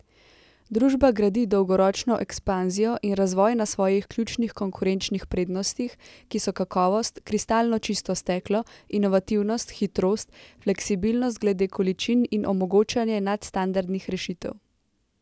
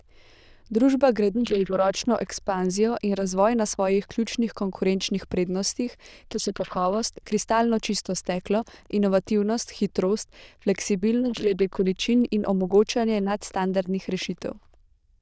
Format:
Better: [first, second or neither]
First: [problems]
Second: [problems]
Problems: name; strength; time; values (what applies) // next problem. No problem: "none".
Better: first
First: none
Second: noise reduction (neural diffusion model UNIVERSE++)